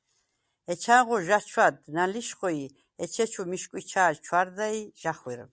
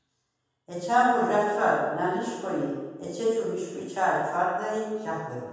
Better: first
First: none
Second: room echo; dies away in 1.2 s

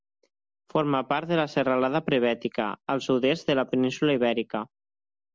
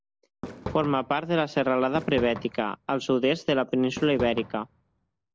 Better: first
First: none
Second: background sound (Fireworks); 14 dB below the speech

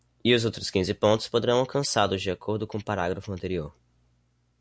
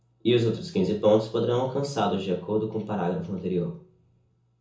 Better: first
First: none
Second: room echo; dies away in 0.7 s

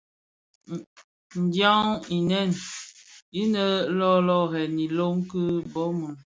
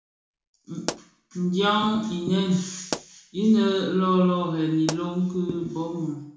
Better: first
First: none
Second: background sound (Explosion); 15 dB below the speech // room echo; dies away in 0.7 s

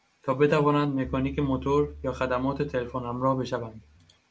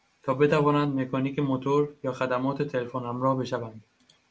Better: second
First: background sound (Bowed string instrument); 17 dB below the speech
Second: none

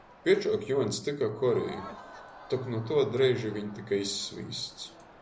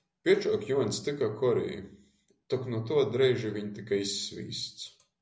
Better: second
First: background sound (Crowd); 19 dB below the speech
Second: none

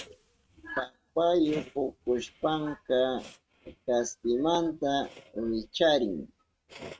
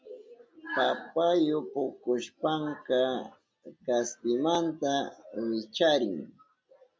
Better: second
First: noise reduction (neural mask model RNNoise)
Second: none

